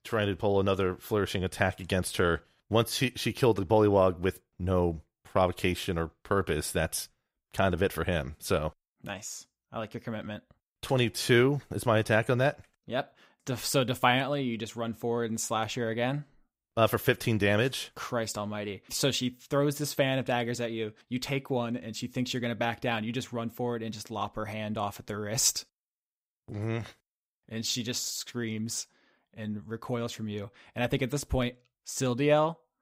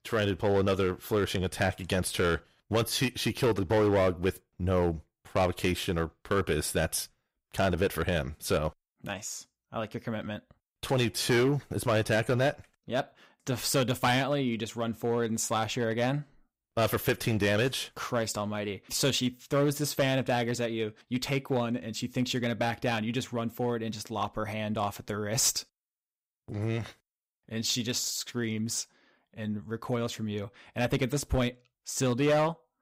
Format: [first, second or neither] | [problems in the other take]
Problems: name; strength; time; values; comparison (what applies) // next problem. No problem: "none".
first | distortion; slight; 4% of the sound clipped